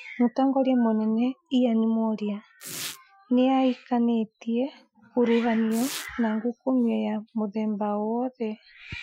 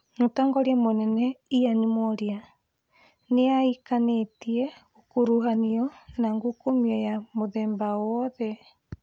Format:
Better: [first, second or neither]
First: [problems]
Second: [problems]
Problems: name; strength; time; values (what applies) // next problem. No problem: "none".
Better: second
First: noise reduction (classical method Wiener filter)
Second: none